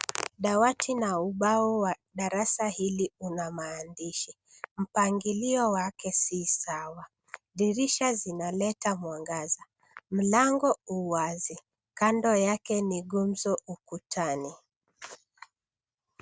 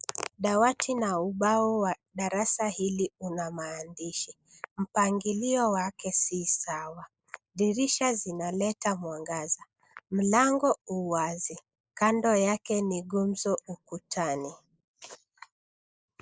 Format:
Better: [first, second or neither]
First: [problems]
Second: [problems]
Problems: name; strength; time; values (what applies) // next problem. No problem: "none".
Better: first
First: none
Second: noise reduction (neural mask model Resemble Enhance denoiser)